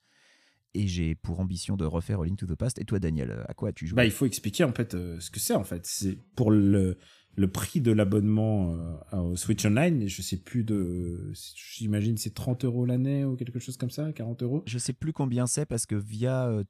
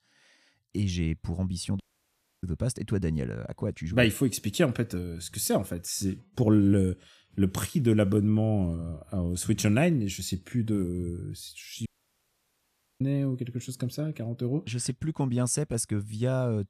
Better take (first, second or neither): first